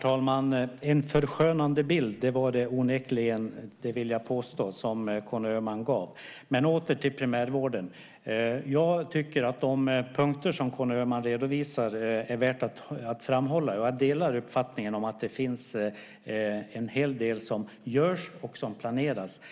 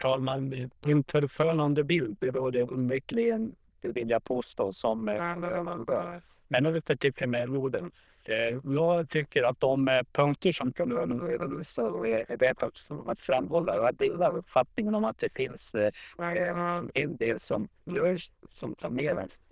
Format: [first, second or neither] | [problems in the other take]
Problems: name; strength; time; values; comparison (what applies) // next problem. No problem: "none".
first | noise reduction (neural diffusion model UNIVERSE++)